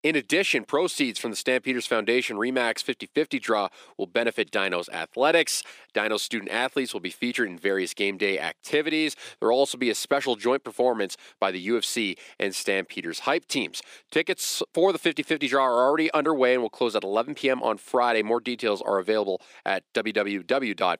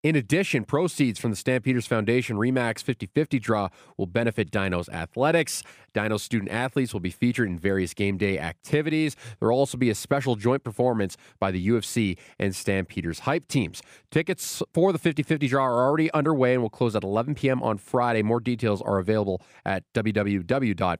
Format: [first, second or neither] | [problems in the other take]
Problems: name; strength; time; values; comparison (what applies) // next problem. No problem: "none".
second | thin; somewhat; fading below 300 Hz